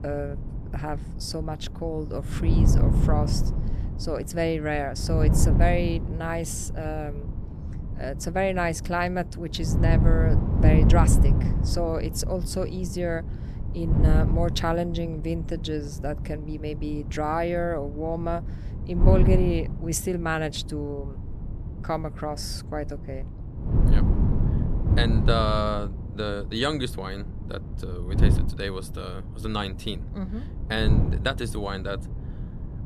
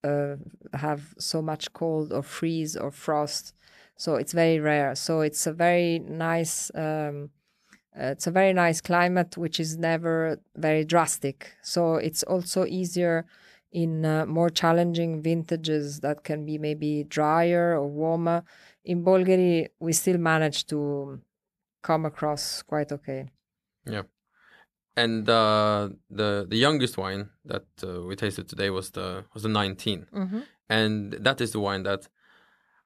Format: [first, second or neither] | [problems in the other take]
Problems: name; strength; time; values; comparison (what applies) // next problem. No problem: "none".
second | wind noise on the microphone; heavy; 9 dB below the speech